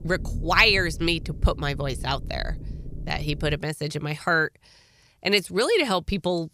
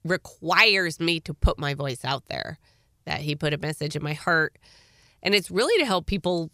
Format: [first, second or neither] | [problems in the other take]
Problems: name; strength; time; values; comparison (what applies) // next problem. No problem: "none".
second | low rumble; faint; until 3.5 s; 25 dB below the speech